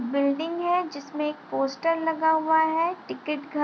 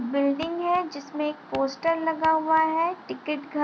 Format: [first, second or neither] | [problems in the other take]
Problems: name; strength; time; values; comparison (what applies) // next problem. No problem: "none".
first | background sound (Walk, footsteps); 19 dB below the speech